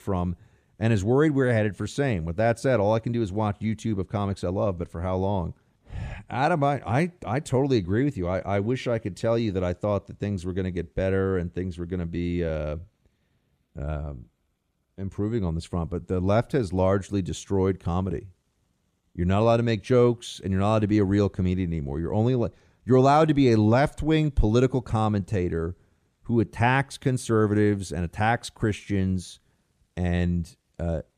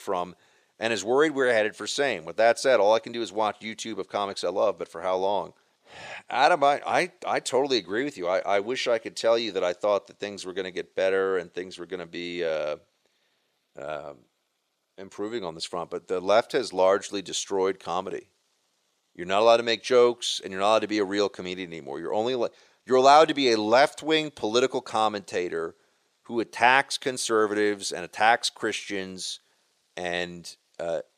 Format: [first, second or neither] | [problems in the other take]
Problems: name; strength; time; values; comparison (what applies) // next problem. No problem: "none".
first | thin; very; fading below 550 Hz